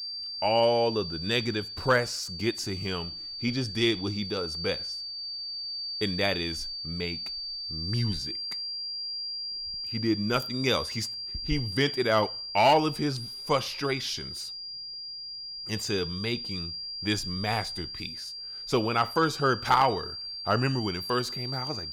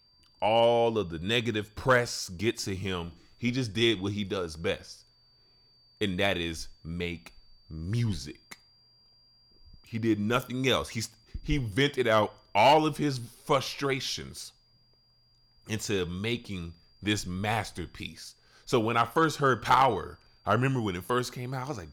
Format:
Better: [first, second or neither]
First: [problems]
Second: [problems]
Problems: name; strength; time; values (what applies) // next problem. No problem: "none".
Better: second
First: high-pitched whine; loud; throughout; 5 kHz, 6 dB below the speech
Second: high-pitched whine; faint; throughout; 5 kHz, 35 dB below the speech